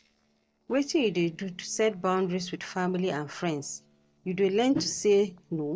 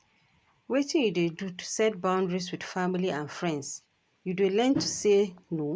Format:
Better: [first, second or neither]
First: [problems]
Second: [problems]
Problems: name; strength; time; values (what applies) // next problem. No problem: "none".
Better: second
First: noise reduction (neural separator model SepFormer DNS4)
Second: none